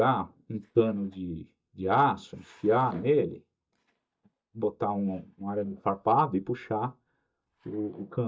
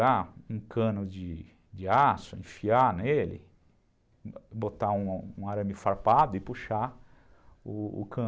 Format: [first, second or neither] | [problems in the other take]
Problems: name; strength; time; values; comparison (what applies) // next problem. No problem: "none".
second | noise reduction (neural mask model DeepFilterNet 3)